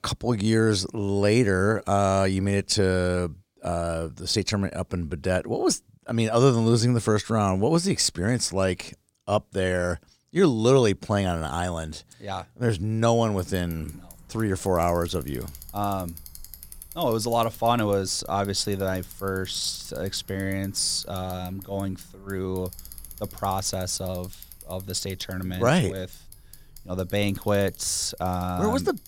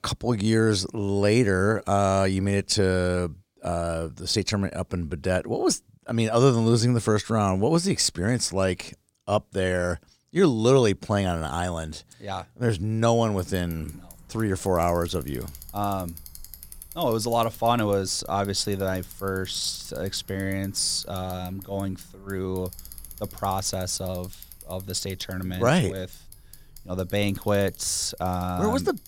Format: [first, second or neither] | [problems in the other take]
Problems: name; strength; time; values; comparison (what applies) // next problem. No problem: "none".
neither | traffic noise; noticeable; from 13 s on; 20 dB below the speech; the same in both